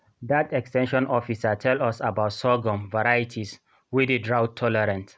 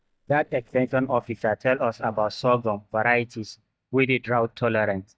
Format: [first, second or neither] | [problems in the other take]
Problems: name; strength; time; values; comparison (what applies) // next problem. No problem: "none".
first | noise reduction (neural mask model DeepFilterNet 3)